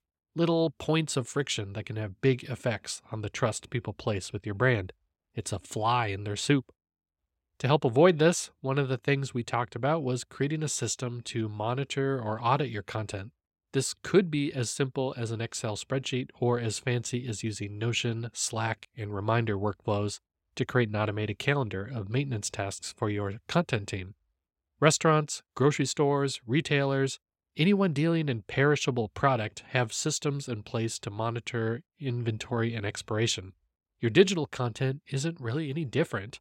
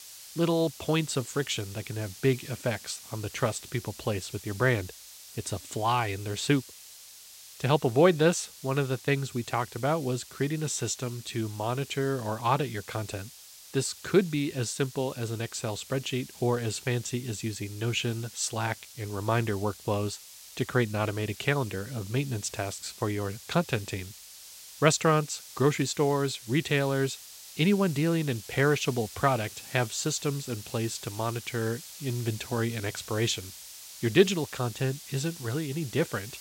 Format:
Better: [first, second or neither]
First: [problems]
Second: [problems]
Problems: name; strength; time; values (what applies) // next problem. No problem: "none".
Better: first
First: none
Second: hiss; noticeable; throughout; 15 dB below the speech